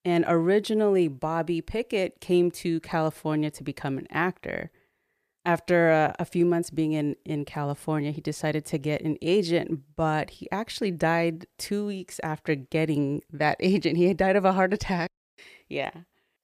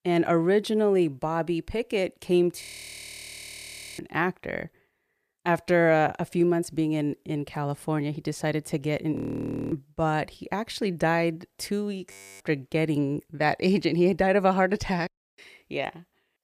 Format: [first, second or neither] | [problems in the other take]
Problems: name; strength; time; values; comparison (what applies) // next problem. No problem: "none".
first | audio freezing; at 2.5 s for 1.5 s, at 9 s for 0.5 s and at 12 s